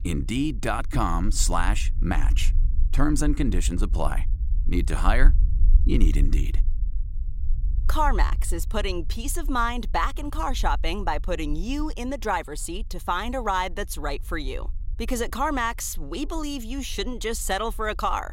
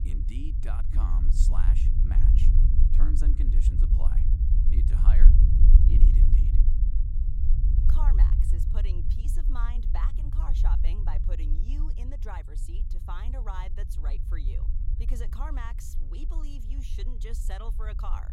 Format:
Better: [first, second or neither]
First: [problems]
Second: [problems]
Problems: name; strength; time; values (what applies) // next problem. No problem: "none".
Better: first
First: low rumble; faint; throughout; 25 dB below the speech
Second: low rumble; loud; throughout; 2 dB below the speech